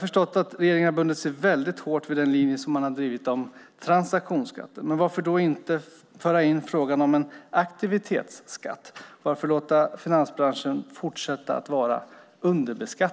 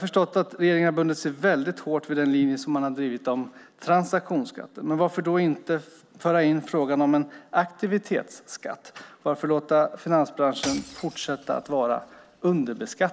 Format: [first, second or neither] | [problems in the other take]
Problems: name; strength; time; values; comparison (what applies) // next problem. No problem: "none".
first | background sound (Shatter / Crushing); 17 dB below the speech